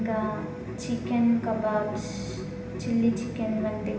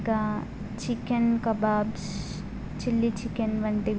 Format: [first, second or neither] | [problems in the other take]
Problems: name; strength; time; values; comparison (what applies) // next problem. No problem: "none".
second | background sound (Keyboard (musical)); 14 dB below the speech // room echo; dies away in 0.9 s